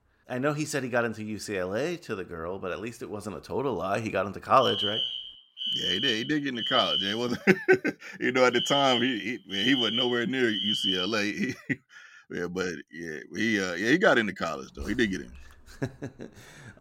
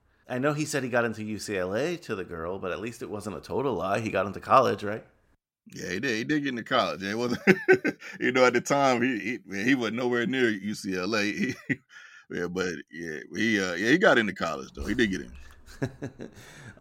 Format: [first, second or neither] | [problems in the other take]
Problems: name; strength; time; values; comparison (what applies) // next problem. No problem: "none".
second | alarm; loud; from 4.5 to 11 s; peak 3 dB above the speech